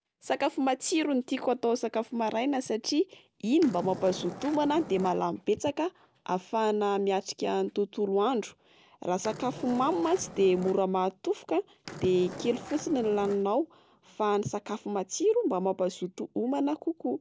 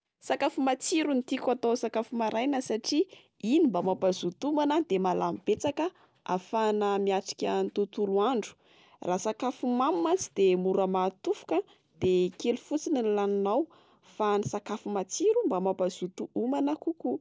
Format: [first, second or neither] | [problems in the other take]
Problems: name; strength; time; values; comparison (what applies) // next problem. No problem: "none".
second | background sound (Skateboard); 13 dB below the speech